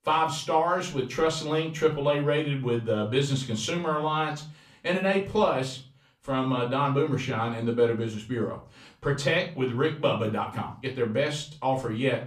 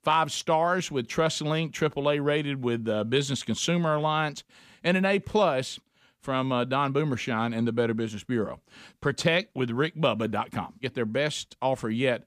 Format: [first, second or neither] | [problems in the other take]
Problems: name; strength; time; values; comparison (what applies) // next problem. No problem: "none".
second | off-mic speech; far // room echo; very slight; dies away in 0.3 s